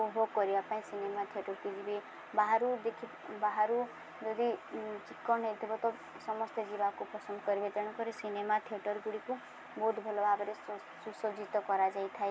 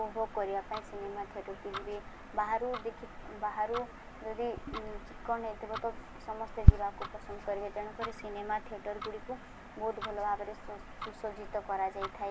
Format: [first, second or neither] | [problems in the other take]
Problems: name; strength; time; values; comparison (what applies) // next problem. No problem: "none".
first | background sound (Tick-tock); 2 dB above the speech